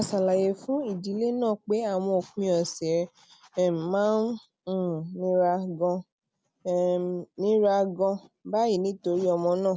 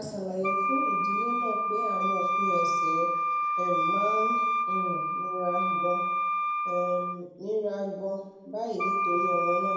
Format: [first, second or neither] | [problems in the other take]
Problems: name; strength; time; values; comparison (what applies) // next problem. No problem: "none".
first | background sound (Wind instrument, woodwind instrument); 5 dB above the speech // room echo; dies away in 0.9 s